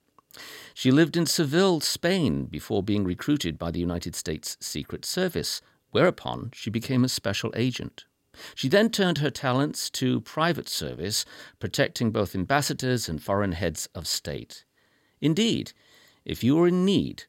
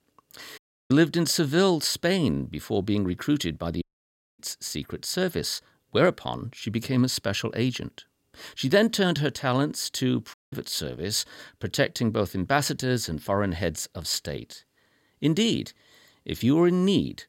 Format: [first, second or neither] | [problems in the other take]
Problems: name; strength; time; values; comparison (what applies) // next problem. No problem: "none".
first | audio cutting out; at 0.5 s, at 4 s for 0.5 s and at 10 s